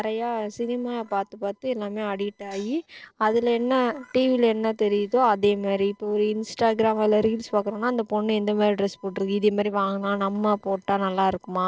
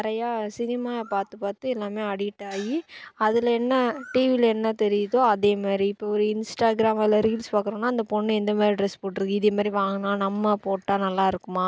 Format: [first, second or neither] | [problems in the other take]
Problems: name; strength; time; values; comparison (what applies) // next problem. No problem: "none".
second | noise reduction (neural separator model SepFormer DNS4)